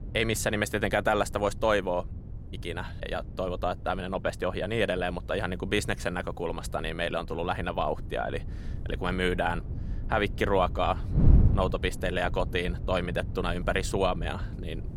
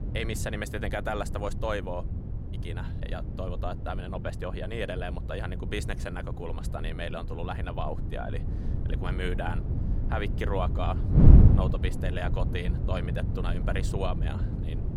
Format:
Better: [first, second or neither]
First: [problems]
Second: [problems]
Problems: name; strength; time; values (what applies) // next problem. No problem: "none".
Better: first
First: wind noise on the microphone; occasional gusts; 20 dB below the speech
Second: wind noise on the microphone; heavy; 6 dB below the speech